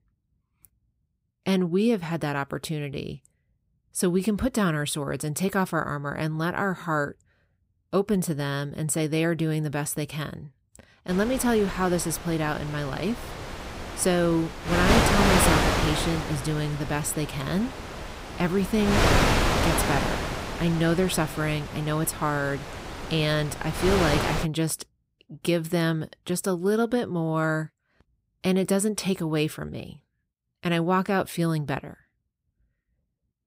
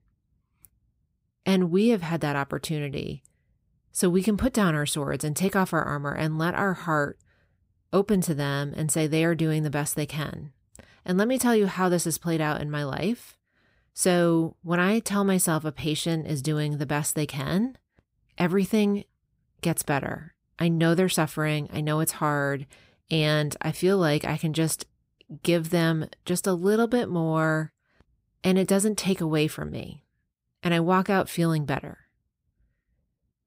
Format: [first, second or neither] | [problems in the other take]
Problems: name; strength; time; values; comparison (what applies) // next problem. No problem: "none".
second | wind noise on the microphone; heavy; from 11 to 24 s; 1 dB above the speech